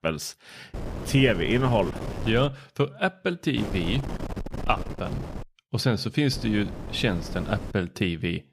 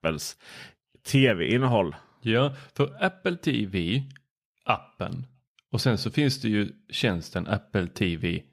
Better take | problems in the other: second | wind noise on the microphone; occasional gusts; from 0.5 to 2.5 s, from 3.5 to 5.5 s and from 6.5 to 7.5 s; 10 dB below the speech

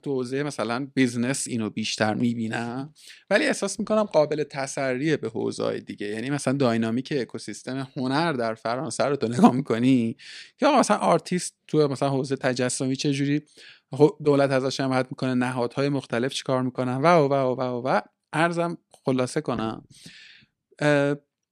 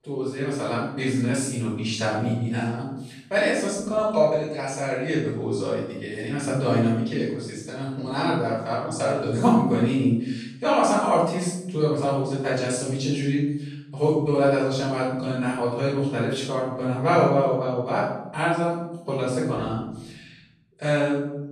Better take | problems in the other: first | off-mic speech; far // room echo; noticeable; dies away in 0.8 s

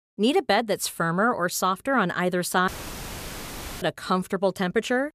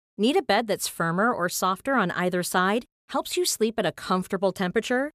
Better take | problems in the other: second | audio cutting out; filled with static; at 2.5 s for 1 s

